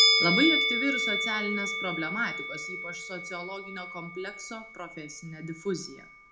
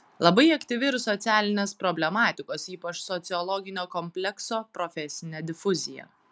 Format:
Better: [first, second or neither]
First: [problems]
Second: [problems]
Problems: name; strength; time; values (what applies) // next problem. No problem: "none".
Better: second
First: background sound (Musical instrument); 4 dB above the speech // room echo; dies away in 0.3 s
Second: none